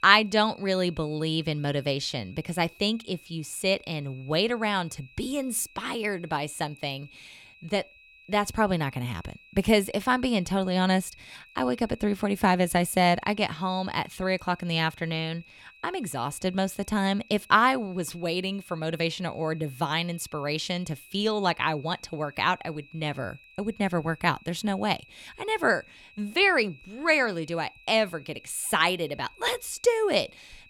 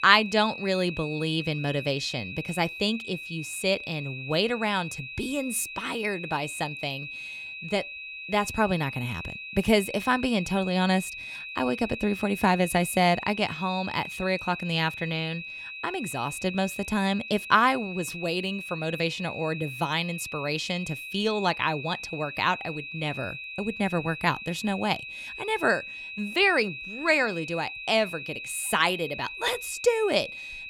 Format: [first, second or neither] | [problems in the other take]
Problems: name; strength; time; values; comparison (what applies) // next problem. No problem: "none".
first | high-pitched whine; loud; throughout; 2.5 kHz, 9 dB below the speech; faint in the first